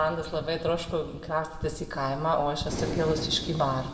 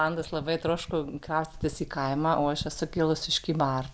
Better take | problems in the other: second | background sound (Breathing); 10 dB below the speech // room echo; dies away in 1.7 s

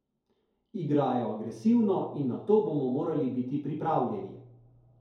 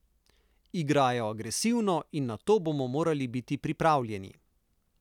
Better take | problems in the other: second | room echo; dies away in 2.3 s

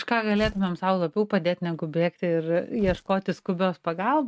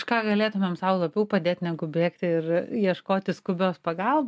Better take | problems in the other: second | noise reduction (neural mask model RNNoise)

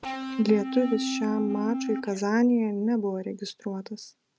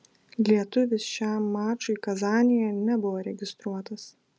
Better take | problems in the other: second | noise reduction (neural mask model RNNoise)

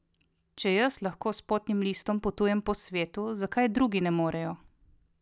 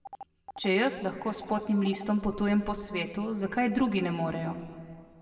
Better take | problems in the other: first | background sound (Telephone); 19 dB below the speech // room echo; dies away in 1.9 s

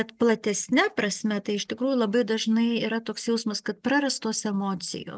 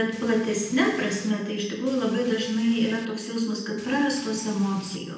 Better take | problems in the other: first | background sound (Rain); 20 dB below the speech // room echo; dies away in 0.9 s

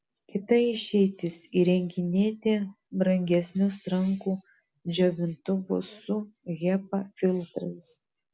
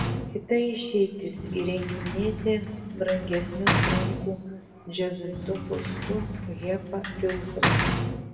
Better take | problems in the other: first | background sound (Sliding door / Slam); 1 dB below the speech // room echo; dies away in 1.6 s

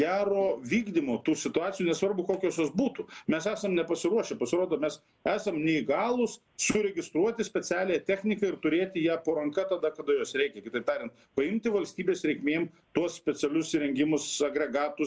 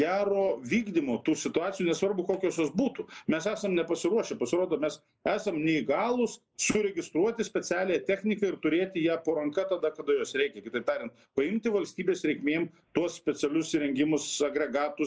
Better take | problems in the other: first | noise reduction (neural mask model Resemble Enhance denoiser)

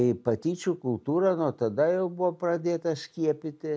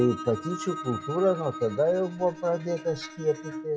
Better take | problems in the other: first | noise reduction (classical method log-MMSE)

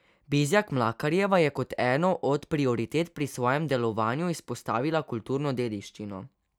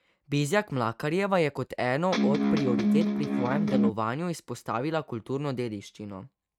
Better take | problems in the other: first | noise reduction (neural mask model RNNoise)

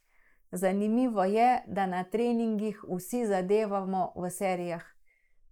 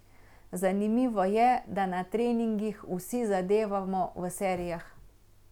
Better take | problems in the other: second | noise reduction (neural mask model Resemble Enhance denoiser)

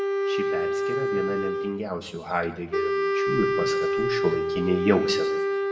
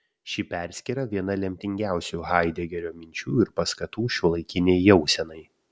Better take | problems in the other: second | background sound (Wind instrument, woodwind instrument); 3 dB above the speech // room echo; dies away in 0.9 s

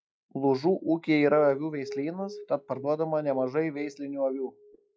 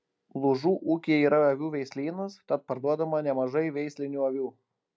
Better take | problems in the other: second | noise reduction (classical method log-MMSE)

